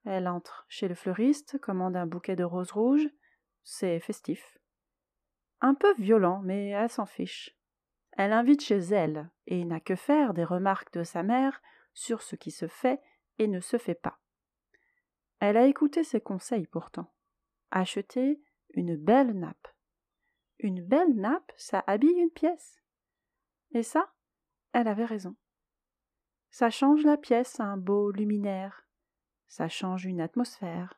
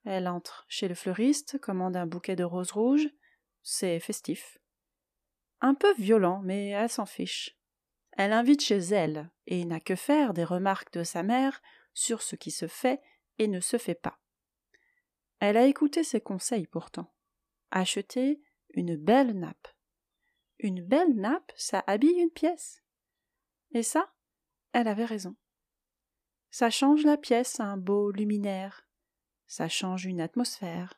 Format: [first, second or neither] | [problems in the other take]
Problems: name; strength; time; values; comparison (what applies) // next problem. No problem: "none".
second | muffled; slightly; fading above 2.5 kHz